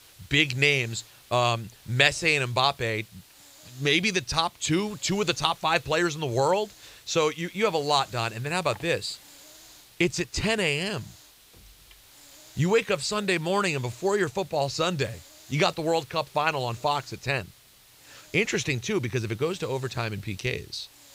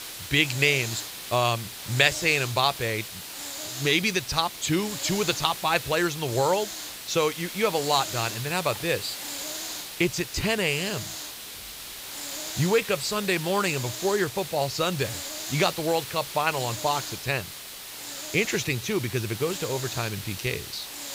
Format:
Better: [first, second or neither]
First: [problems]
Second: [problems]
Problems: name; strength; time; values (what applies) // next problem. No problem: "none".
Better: first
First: hiss; faint; throughout; 25 dB below the speech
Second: hiss; loud; throughout; 8 dB below the speech